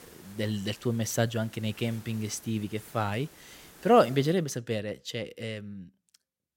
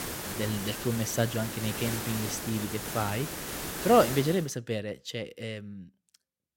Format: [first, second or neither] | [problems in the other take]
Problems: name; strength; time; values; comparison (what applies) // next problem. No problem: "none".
first | hiss; loud; until 4.5 s; 5 dB below the speech; faint in the first